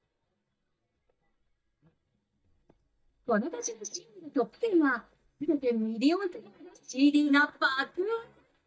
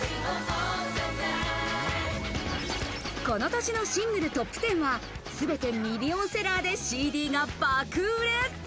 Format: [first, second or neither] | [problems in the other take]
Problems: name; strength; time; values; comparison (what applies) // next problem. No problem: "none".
second | noise reduction (neural mask model DeepFilterNet 3)